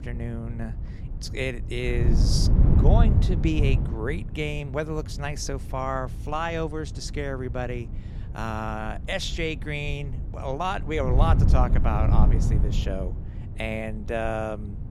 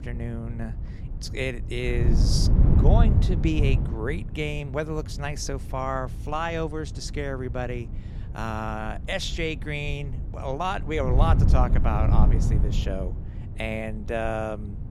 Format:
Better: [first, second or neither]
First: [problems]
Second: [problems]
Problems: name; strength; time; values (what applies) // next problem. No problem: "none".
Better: neither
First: wind noise on the microphone; heavy; 10 dB below the speech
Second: wind noise on the microphone; heavy; 10 dB below the speech